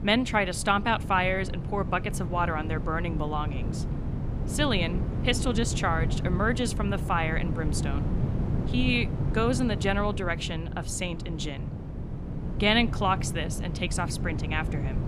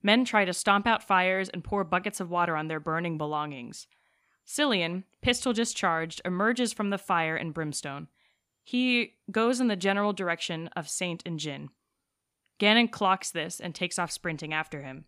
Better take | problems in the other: second | wind noise on the microphone; occasional gusts; 10 dB below the speech

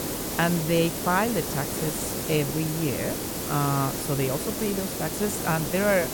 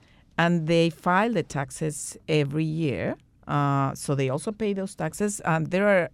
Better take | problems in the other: second | hiss; loud; throughout; 2 dB below the speech

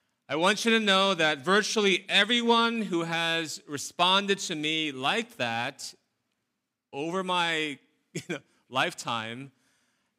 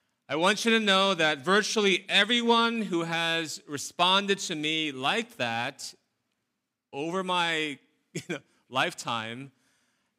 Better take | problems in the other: neither | none

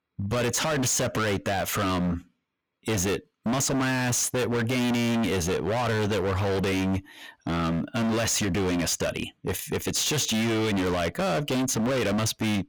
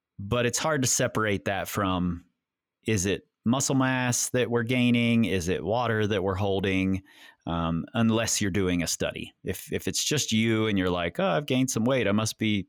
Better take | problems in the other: second | distortion; heavy; 38% of the sound clipped

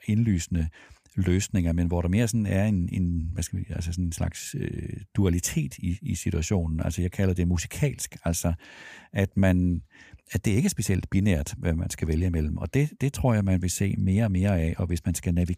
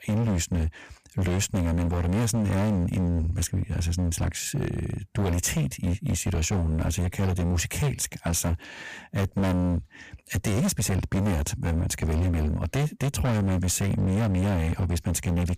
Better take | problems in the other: first | distortion; heavy; 26% of the sound clipped

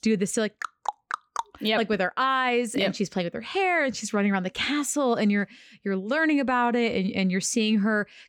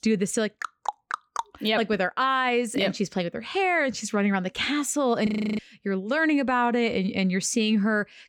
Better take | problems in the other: first | audio freezing; at 5.5 s

